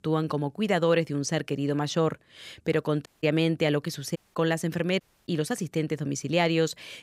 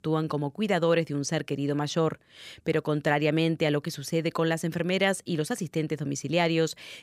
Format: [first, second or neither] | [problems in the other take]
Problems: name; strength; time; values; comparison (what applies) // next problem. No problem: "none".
second | audio cutting out; at 3 s, at 4 s and at 5 s